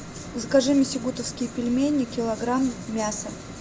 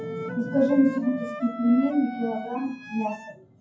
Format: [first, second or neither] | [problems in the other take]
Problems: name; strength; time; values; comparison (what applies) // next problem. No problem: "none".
first | noise reduction (classical method WPE with log-MMSE)